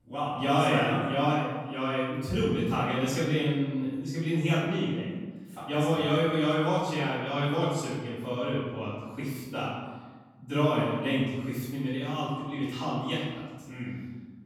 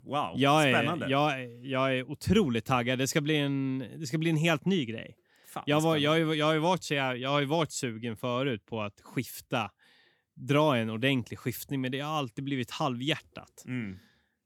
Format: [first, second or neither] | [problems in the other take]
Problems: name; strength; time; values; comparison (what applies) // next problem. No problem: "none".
second | off-mic speech; far // room echo; strong; dies away in 1.3 s